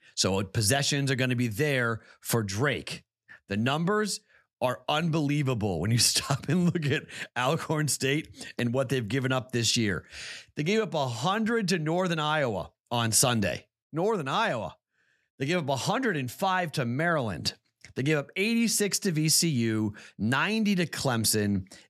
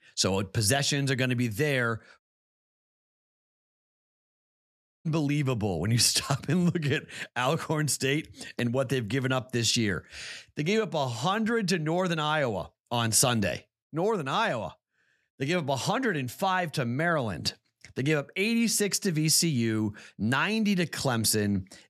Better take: first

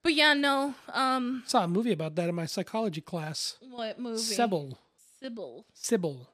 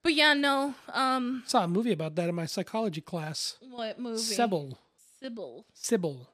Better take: neither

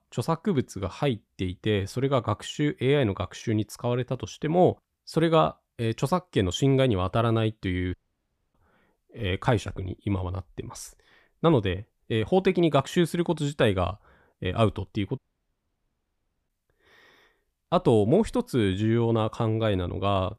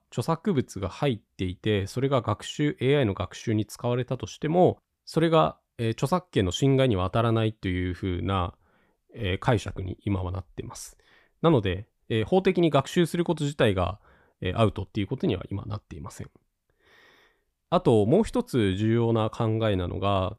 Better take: second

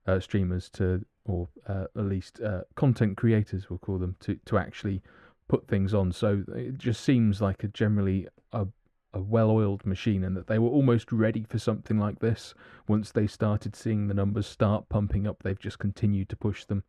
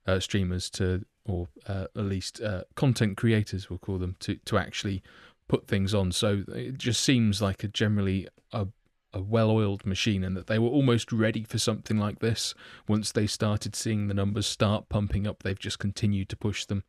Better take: second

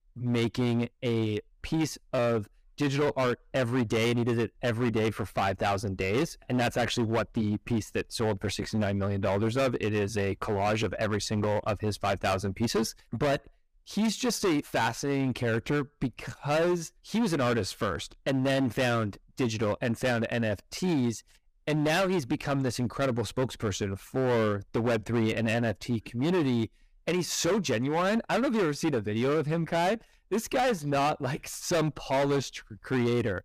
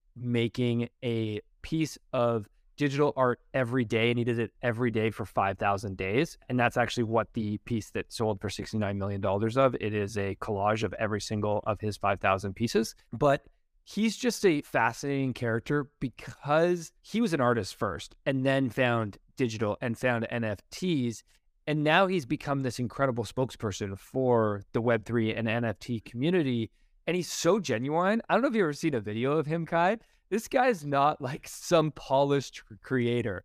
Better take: second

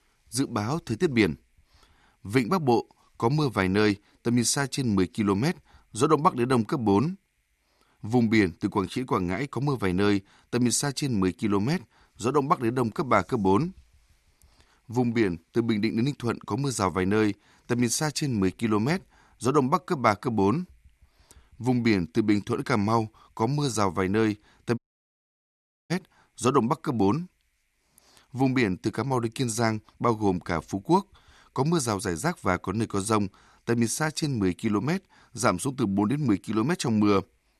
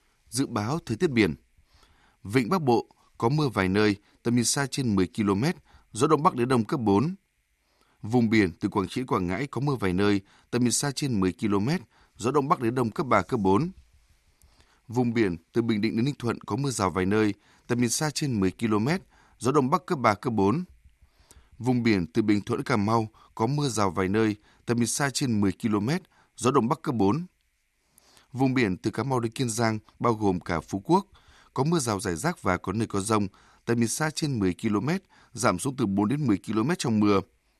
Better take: second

